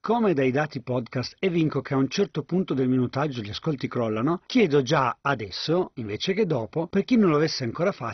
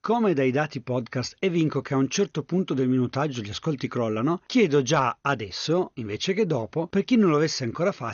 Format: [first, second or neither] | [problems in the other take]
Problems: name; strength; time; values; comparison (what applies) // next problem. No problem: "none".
second | garbled, watery; badly; nothing above 6 kHz; slightly in the second